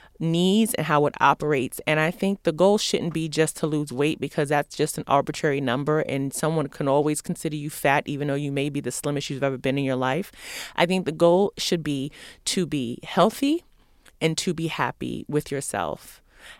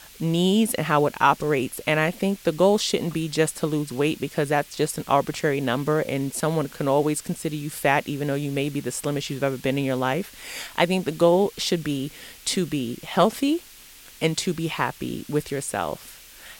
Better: first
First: none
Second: hiss; faint; throughout; 20 dB below the speech

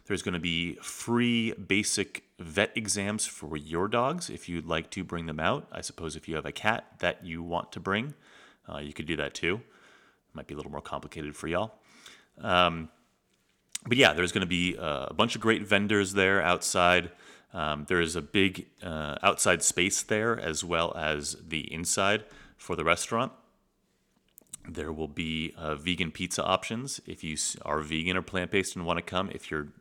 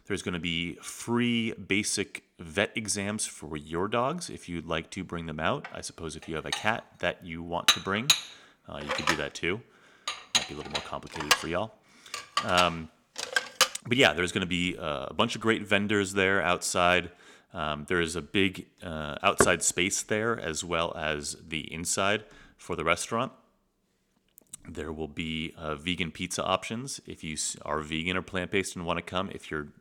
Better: first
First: none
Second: clattering dishes; loud; from 6.5 to 14 s; peak 5 dB above the speech // door banging; loud; at 19 s; peak 2 dB above the speech

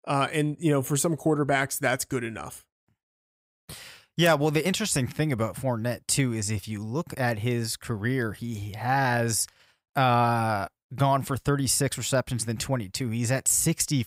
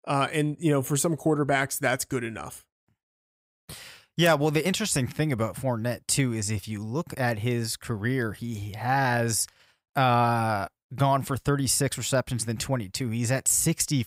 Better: neither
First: none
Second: none

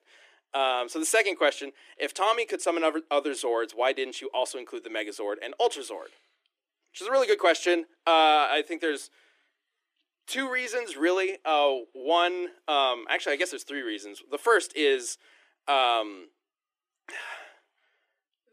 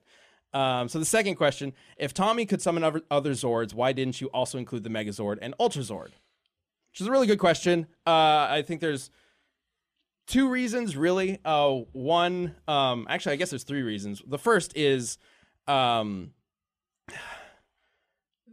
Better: second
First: thin; somewhat; fading below 300 Hz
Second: none

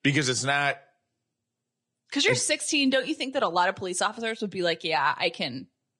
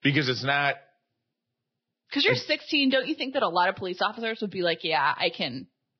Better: first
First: garbled, watery; slightly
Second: garbled, watery; badly; nothing above 5.5 kHz

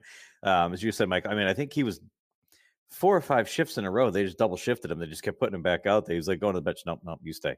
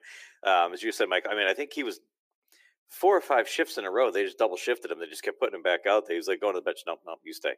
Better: first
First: none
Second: thin; very; fading below 350 Hz

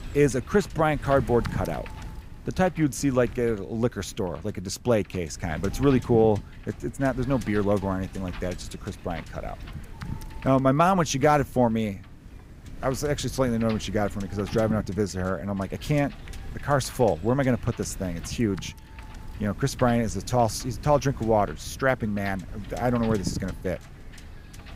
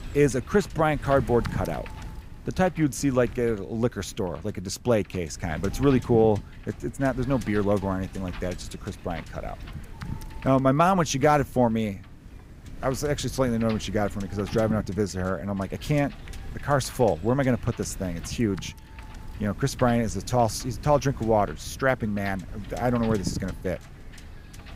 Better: neither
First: wind noise on the microphone; occasional gusts; 20 dB below the speech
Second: wind noise on the microphone; occasional gusts; 20 dB below the speech

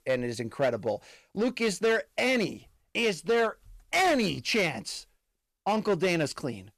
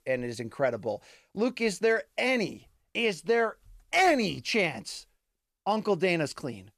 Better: second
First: distortion; slight; 7% of the sound clipped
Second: none

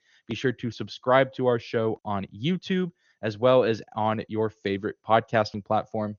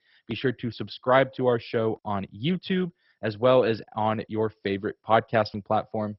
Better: first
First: garbled, watery; slightly; nothing above 6.5 kHz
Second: garbled, watery; badly; nothing above 5.5 kHz

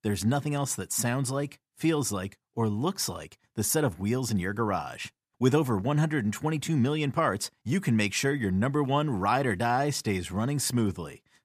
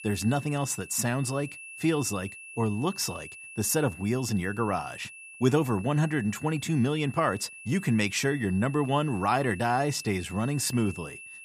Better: first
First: none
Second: high-pitched whine; noticeable; throughout; 2.5 kHz, 15 dB below the speech

